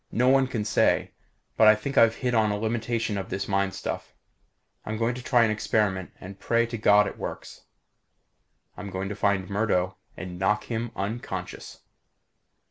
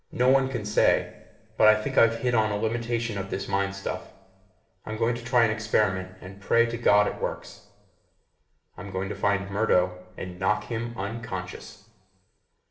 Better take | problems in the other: first | room echo; dies away in 1.3 s

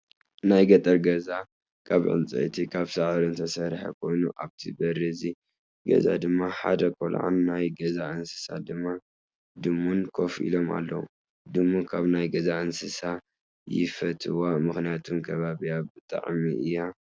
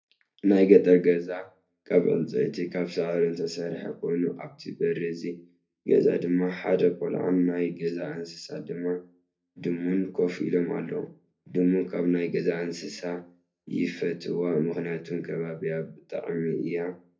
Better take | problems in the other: first | room echo; dies away in 0.3 s

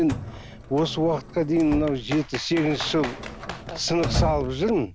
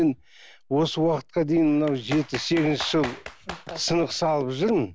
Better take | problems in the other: second | background sound (Drawer open or close); 8 dB below the speech

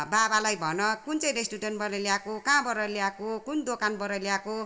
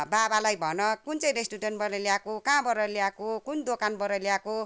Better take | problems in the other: second | room echo; dies away in 0.7 s

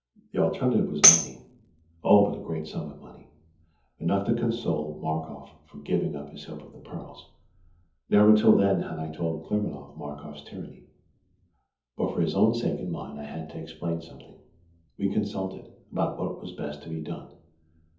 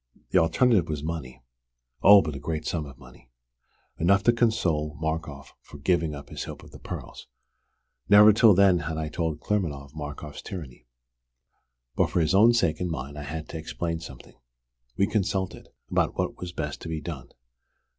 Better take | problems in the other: second | background sound (Tambourine); 4 dB above the speech // room echo; dies away in 0.7 s

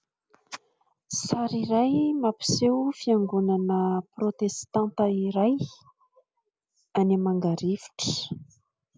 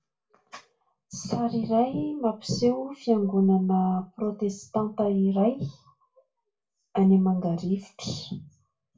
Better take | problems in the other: first | room echo; dies away in 0.2 s

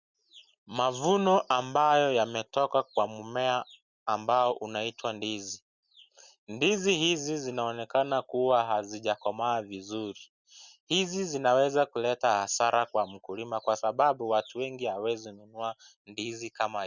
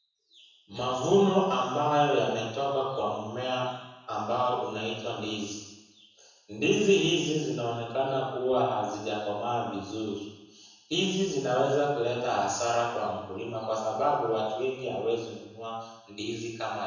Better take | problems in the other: first | room echo; dies away in 1.1 s

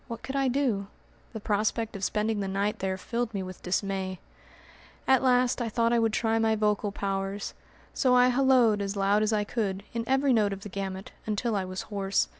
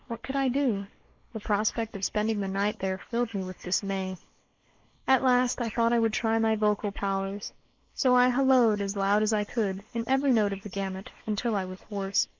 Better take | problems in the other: first | noise reduction (neural mask model Resemble Enhance denoiser)

